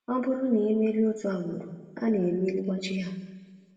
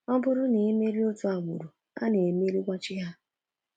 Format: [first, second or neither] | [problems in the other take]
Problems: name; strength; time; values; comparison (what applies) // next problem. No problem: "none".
second | room echo; dies away in 1.2 s